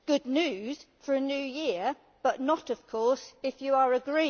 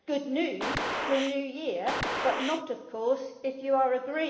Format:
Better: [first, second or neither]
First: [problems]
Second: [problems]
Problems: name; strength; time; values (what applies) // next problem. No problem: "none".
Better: first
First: none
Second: background sound (Gunshot, gunfire); 3 dB below the speech // room echo; dies away in 1.1 s